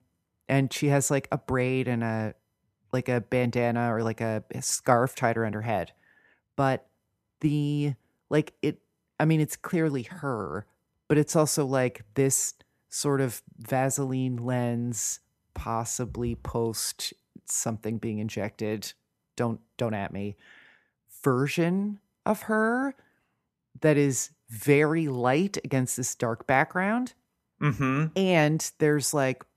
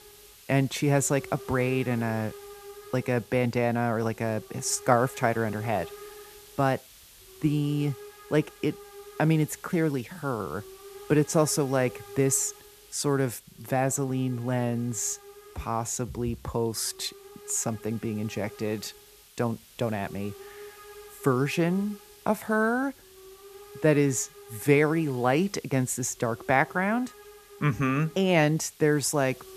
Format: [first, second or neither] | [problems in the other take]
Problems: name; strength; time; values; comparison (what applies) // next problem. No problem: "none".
first | hiss; noticeable; throughout; 20 dB below the speech